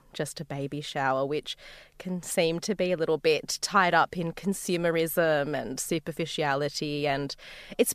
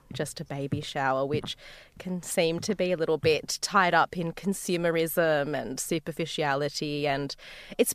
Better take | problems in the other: first | footsteps; faint; until 3.5 s; peak 10 dB below the speech

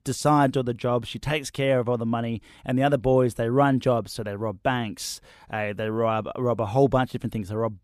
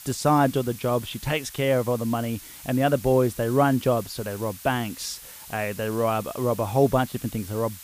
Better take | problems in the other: first | hiss; noticeable; throughout; 15 dB below the speech

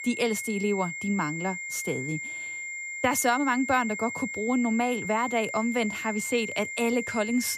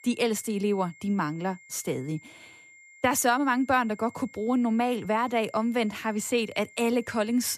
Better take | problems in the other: second | high-pitched whine; loud; throughout; 2 kHz, 6 dB below the speech; faint in the second

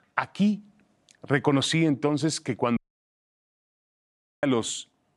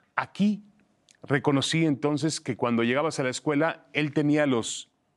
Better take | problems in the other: second | audio cutting out; at 3 s for 1.5 s

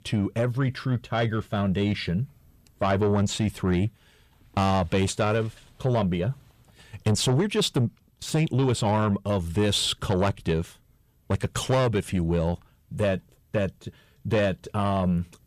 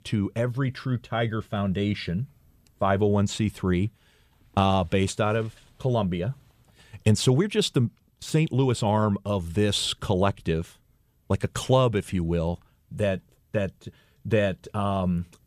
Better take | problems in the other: second | distortion; slight; 10 dB below the speech

